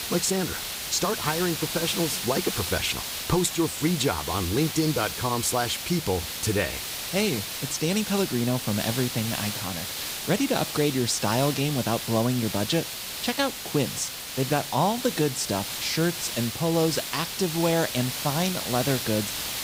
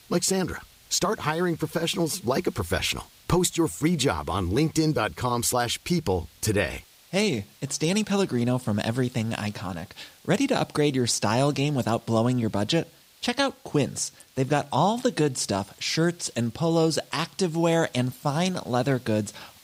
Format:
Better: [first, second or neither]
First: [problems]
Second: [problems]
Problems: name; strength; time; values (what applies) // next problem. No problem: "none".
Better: second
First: hiss; loud; throughout; 4 dB below the speech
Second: hiss; faint; throughout; 25 dB below the speech